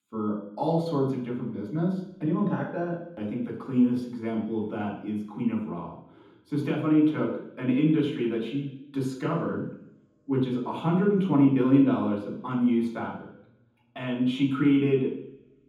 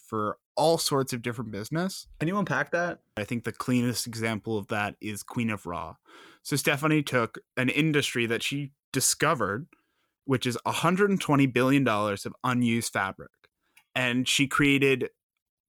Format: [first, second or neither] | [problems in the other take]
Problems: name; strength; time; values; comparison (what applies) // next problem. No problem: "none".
second | room echo; strong; dies away in 0.9 s // off-mic speech; far